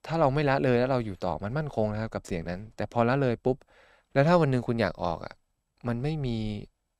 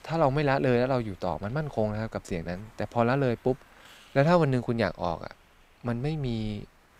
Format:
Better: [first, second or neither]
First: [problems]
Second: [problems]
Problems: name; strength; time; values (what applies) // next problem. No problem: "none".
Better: first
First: none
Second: hiss; faint; throughout; 30 dB below the speech